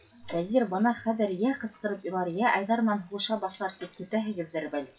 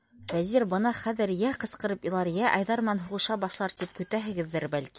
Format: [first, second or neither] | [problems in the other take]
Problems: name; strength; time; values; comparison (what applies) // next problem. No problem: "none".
second | noise reduction (classical method WPE with log-MMSE)